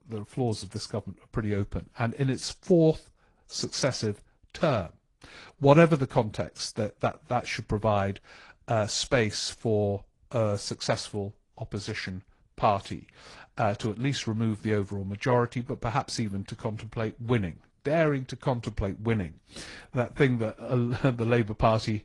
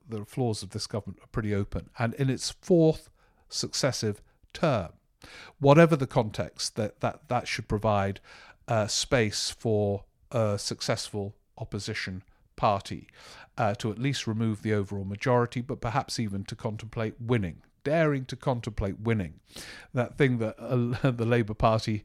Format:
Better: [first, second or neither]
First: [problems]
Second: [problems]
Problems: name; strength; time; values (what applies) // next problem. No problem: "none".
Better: second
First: garbled, watery; slightly; nothing above 10 kHz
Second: none